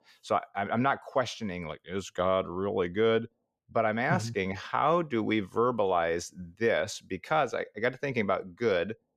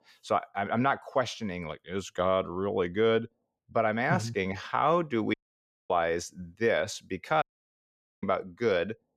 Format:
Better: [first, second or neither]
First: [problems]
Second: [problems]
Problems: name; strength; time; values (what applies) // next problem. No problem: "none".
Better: first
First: none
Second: audio cutting out; at 5.5 s for 0.5 s and at 7.5 s for 1 s